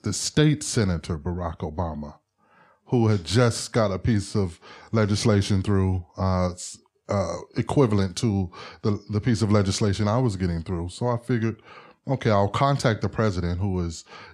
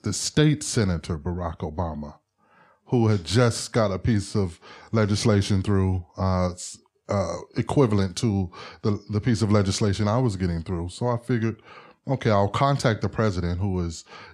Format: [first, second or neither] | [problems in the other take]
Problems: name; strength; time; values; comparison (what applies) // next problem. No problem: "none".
neither | none